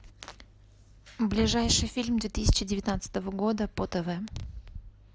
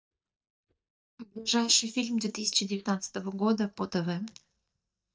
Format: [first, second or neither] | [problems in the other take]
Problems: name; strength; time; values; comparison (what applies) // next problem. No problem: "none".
first | noise reduction (neural mask model DeepFilterNet 3)